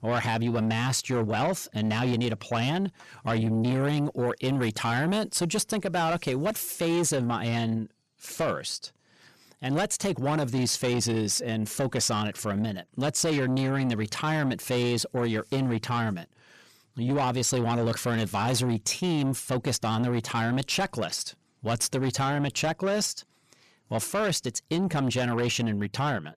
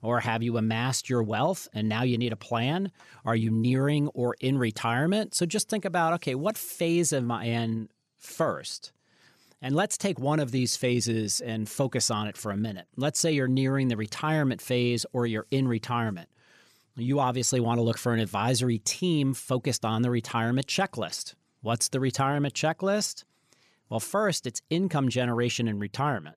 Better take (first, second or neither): second